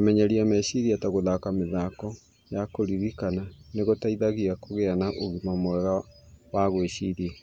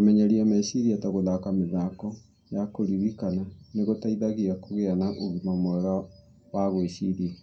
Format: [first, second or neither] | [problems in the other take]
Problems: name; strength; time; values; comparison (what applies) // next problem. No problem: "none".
first | room echo; dies away in 0.2 s